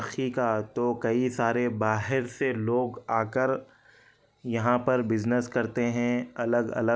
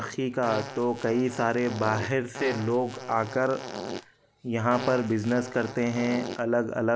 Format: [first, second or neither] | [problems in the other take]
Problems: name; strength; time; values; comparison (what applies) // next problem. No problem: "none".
first | background sound (Fart); 11 dB below the speech